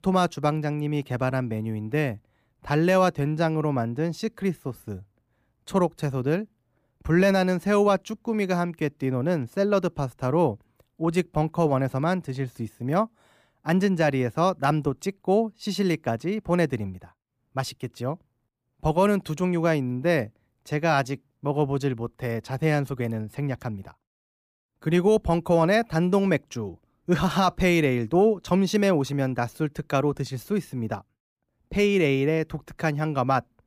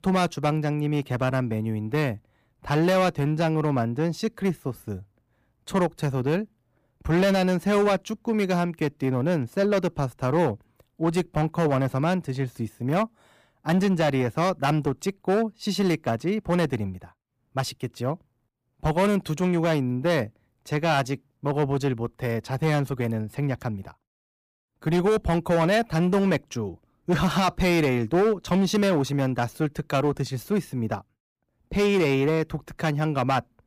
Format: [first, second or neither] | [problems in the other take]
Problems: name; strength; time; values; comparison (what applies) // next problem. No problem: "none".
first | distortion; slight; 7% of the sound clipped